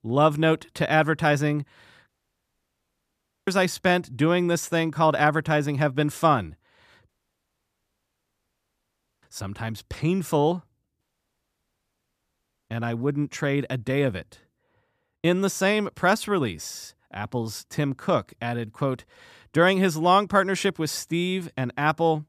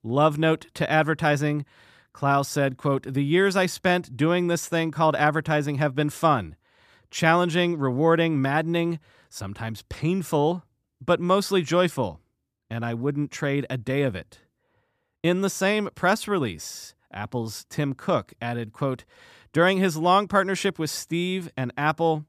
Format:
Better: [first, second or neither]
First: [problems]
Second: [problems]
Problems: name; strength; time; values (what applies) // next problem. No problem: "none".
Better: second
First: audio cutting out; at 2 s for 1.5 s, at 7 s for 2 s and at 11 s for 1.5 s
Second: none